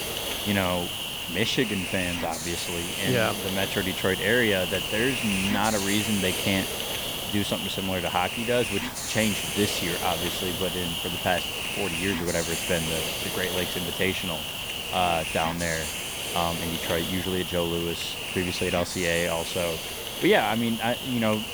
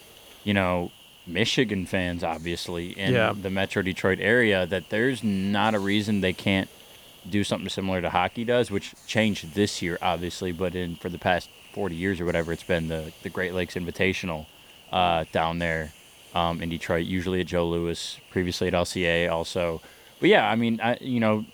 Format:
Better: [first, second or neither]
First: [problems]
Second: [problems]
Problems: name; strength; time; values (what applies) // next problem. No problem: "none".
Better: second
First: hiss; loud; throughout; 1 dB below the speech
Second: hiss; faint; throughout; 20 dB below the speech